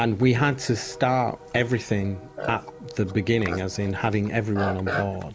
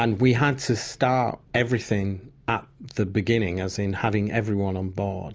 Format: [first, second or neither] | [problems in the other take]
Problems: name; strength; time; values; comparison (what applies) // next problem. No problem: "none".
second | background sound (Livestock, farm animals, working animals); 12 dB below the speech